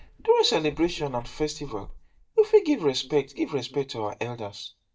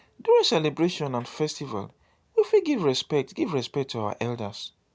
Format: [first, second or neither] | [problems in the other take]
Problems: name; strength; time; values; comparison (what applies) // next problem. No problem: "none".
second | noise reduction (neural mask model DeepFilterNet 3)